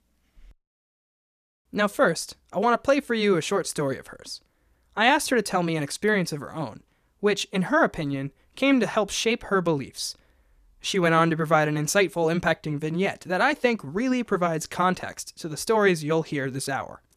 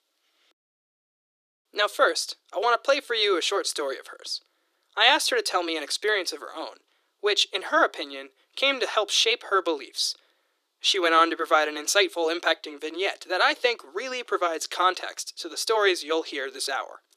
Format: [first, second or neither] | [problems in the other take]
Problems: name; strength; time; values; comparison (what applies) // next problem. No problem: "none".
first | thin; very; fading below 350 Hz